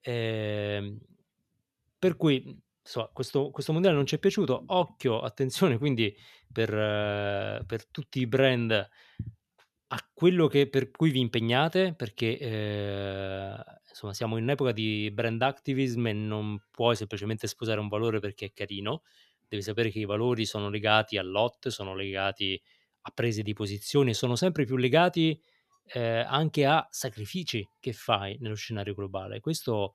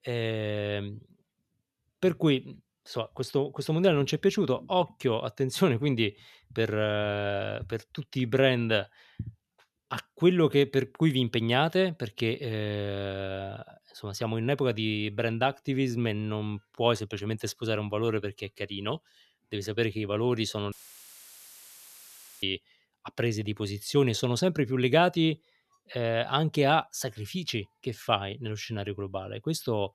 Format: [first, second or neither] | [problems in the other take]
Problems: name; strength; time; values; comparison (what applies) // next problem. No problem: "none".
first | audio cutting out; filled with static; at 21 s for 1.5 s